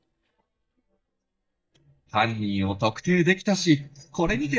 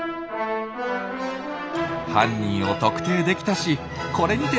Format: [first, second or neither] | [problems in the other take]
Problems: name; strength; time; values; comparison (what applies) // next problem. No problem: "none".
second | noise reduction (neural mask model DeepFilterNet 3)